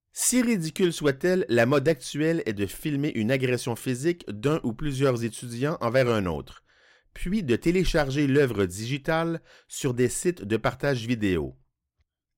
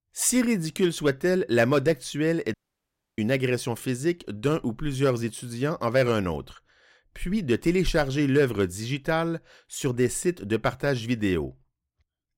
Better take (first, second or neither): first